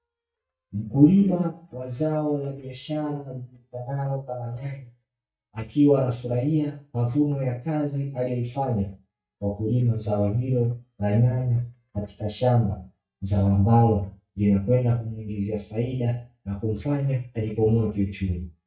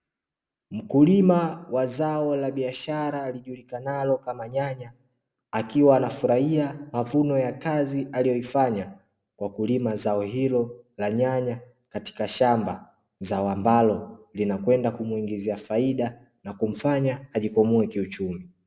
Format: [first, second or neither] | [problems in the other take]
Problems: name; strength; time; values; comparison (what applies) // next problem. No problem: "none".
second | noise reduction (neural mask model DeepFilterNet 3)